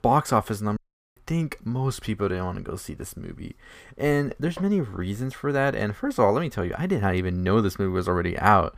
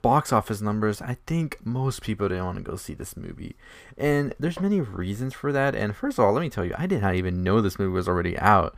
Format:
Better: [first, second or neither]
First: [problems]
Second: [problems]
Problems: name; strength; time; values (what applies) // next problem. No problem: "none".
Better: second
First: audio cutting out; at 1 s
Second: none